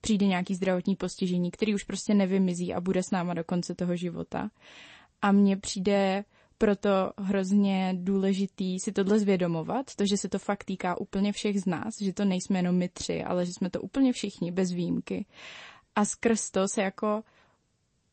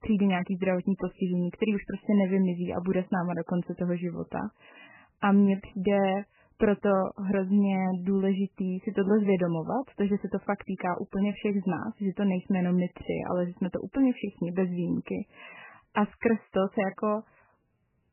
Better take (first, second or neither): first